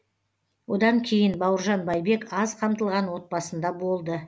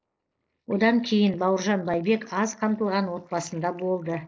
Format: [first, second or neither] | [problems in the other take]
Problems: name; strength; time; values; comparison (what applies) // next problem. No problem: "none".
first | noise reduction (neural mask model Resemble Enhance denoiser)